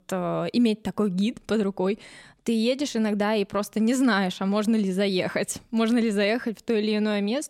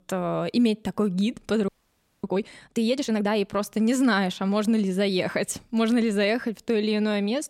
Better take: first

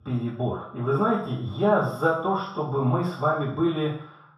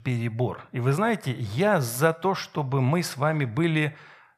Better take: second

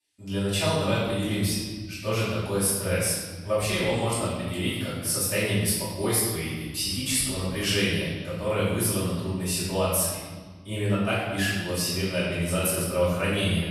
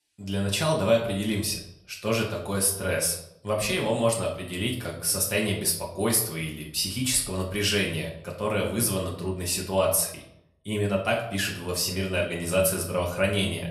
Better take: second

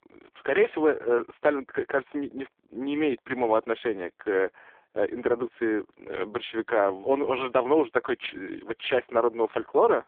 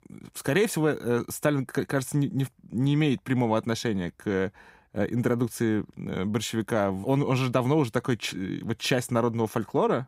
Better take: second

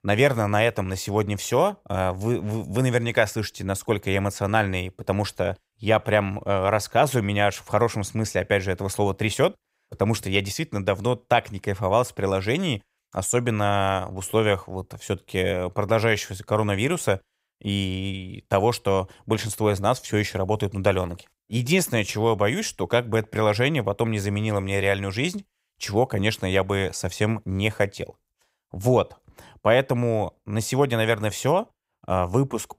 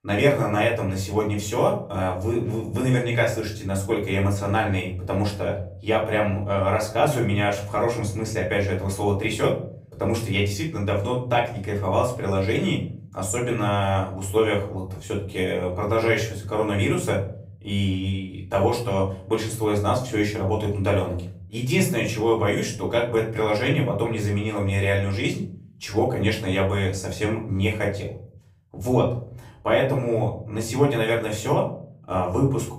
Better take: first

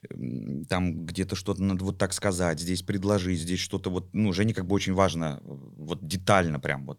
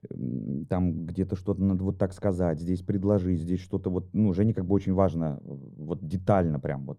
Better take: first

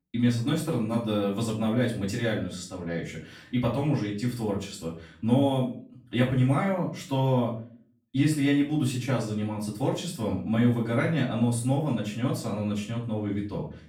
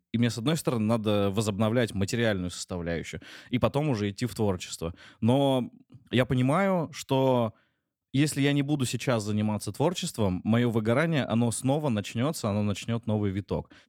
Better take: second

